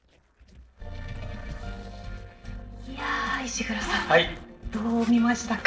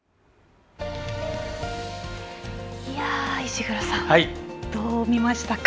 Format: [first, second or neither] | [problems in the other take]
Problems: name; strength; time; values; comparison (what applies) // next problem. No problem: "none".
second | noise reduction (neural separator model SepFormer DNS4)